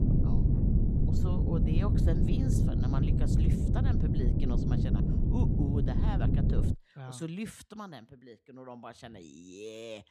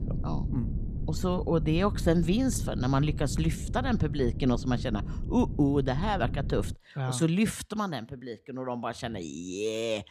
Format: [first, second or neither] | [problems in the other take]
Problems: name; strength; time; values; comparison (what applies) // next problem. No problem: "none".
second | wind noise on the microphone; heavy; until 6.5 s; 4 dB above the speech; occasional gusts in the second